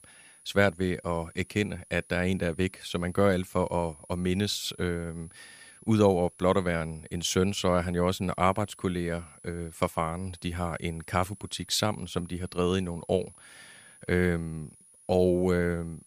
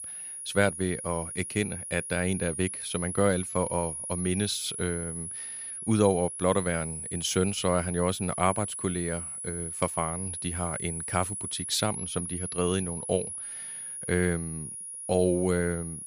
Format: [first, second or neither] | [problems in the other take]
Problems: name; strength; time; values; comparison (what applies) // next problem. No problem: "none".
first | high-pitched whine; loud; throughout; 10.5 kHz, 5 dB below the speech; faint in the first